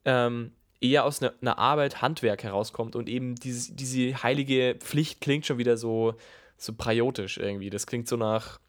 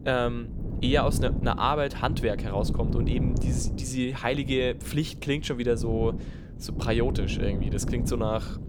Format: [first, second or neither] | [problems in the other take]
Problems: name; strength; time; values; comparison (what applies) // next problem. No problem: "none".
first | wind noise on the microphone; occasional gusts; 10 dB below the speech